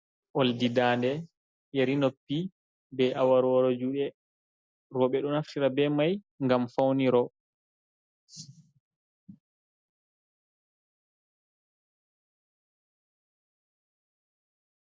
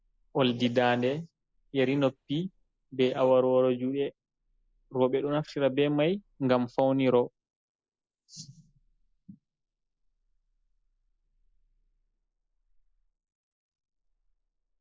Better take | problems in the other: first | noise reduction (neural mask model Resemble Enhance denoiser)

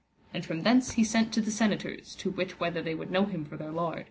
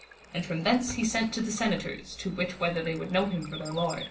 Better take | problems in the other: first | background sound (Water / Bird); 18 dB below the speech // room echo; dies away in 0.3 s

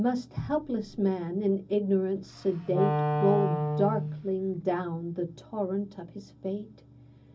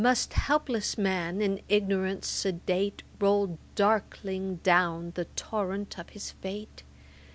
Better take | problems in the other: second | background sound (Wind instrument, woodwind instrument); as loud as the speech // room echo; dies away in 0.4 s

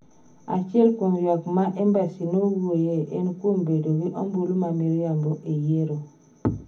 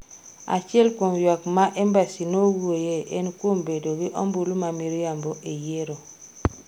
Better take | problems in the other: second | room echo; dies away in 0.4 s

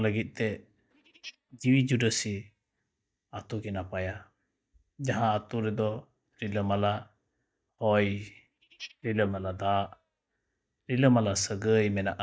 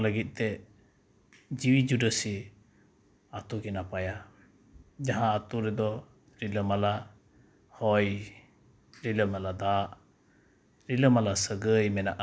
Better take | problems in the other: second | noise reduction (neural mask model DeepFilterNet 3)

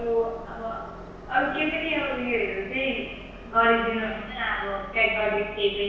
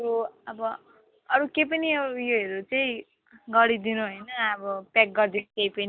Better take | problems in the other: second | background sound (Train); 15 dB below the speech // room echo; dies away in 1.1 s

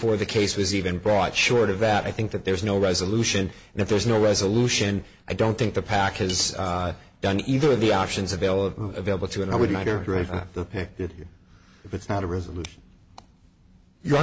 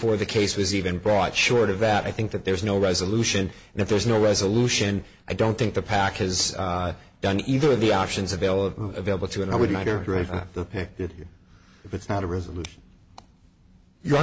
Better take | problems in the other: second | background sound (Cutlery, silverware / Dishes, pots, and pans); 17 dB below the speech

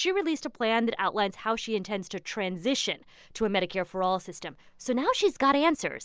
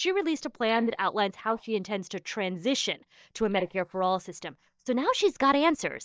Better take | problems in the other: first | noise reduction (neural mask model DeepFilterNet 3)

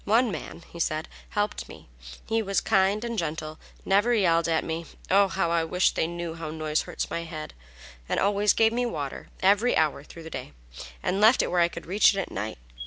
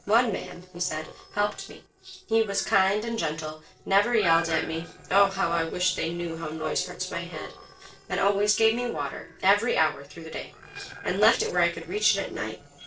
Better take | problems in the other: first | noise reduction (neural separator model SepFormer DNS4)

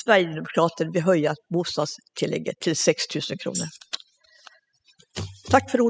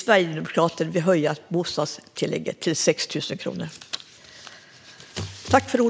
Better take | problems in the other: second | noise reduction (classical method spectral subtraction)

